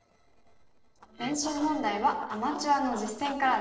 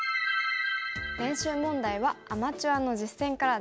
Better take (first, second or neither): second